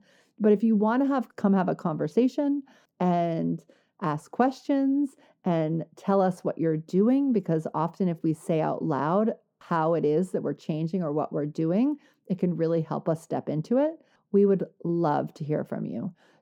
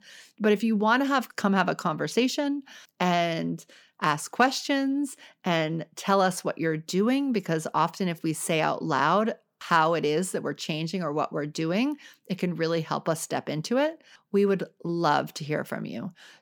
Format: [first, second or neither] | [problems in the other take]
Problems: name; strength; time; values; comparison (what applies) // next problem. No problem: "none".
second | muffled; slightly; fading above 1 kHz